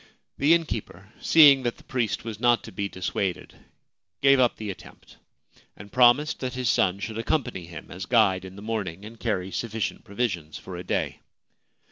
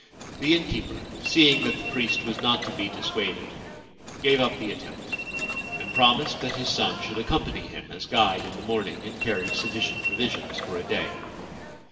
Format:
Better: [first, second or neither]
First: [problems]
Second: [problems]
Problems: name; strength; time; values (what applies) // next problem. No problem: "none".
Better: first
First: none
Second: background sound (Subway, metro, underground); 7 dB below the speech // room echo; dies away in 2.2 s